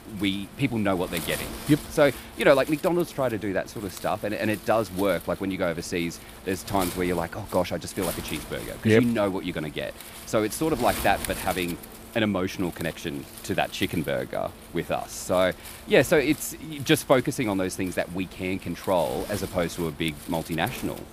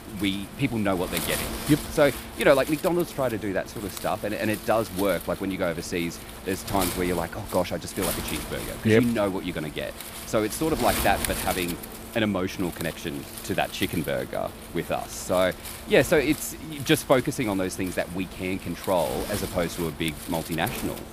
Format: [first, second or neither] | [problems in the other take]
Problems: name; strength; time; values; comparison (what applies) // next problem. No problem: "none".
first | wind noise on the microphone; heavy; 10 dB below the speech; occasional gusts in the first